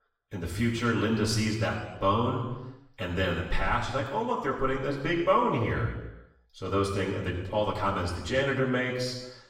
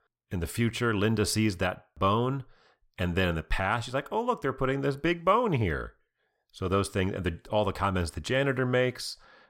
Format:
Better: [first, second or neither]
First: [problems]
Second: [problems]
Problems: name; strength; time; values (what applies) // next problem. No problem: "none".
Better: second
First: room echo; noticeable; dies away in 1 s // off-mic speech; far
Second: none